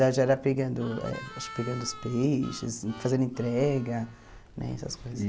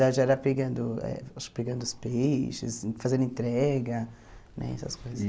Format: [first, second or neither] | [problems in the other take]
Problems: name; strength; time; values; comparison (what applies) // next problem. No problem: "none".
second | background sound (Harmonica); 17 dB below the speech